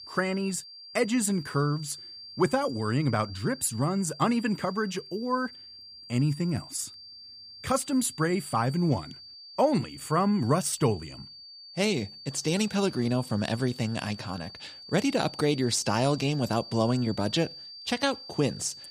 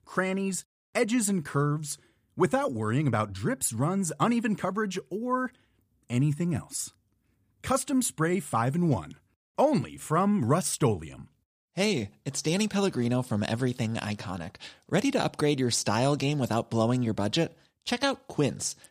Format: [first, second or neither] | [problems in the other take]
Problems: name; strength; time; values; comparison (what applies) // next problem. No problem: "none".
second | high-pitched whine; noticeable; throughout; 4.5 kHz, 15 dB below the speech